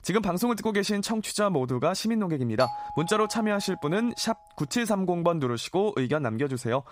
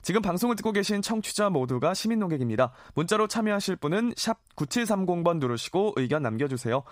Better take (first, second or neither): second